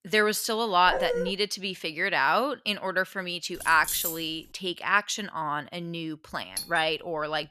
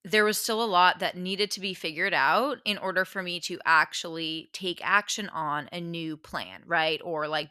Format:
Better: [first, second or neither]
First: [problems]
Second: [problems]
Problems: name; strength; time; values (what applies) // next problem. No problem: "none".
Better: second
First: dog barking; noticeable; at 1 s; peak 2 dB below the speech // jangling keys; noticeable; at 3.5 s; peak 1 dB below the speech // doorbell; noticeable; at 6.5 s; peak 7 dB below the speech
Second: none